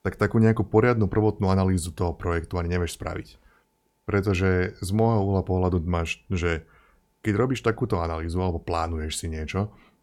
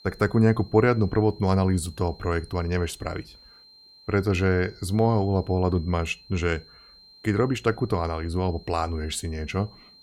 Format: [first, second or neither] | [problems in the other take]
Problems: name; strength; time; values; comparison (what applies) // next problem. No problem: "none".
first | high-pitched whine; faint; throughout; 4 kHz, 25 dB below the speech